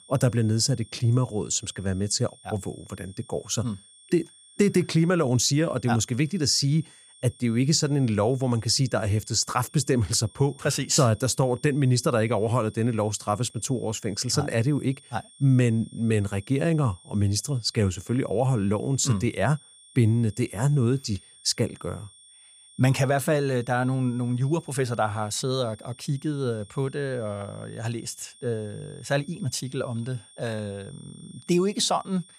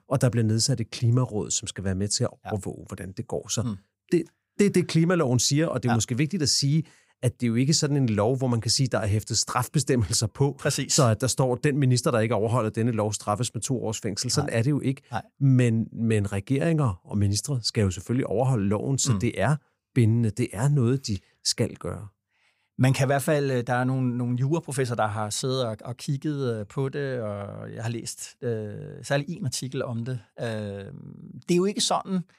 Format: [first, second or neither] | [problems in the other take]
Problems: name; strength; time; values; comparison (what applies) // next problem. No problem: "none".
second | high-pitched whine; faint; throughout; 3.5 kHz, 25 dB below the speech